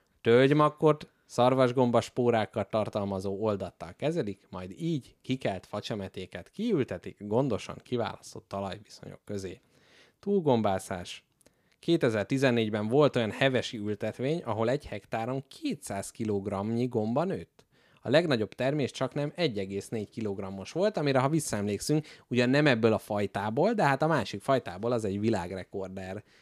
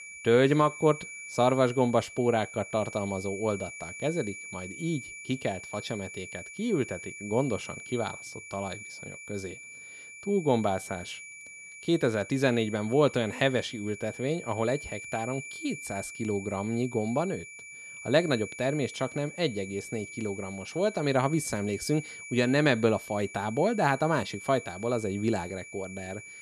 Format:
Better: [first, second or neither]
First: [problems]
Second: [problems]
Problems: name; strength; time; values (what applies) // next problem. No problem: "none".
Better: first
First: none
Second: high-pitched whine; noticeable; throughout; 2.5 kHz, 10 dB below the speech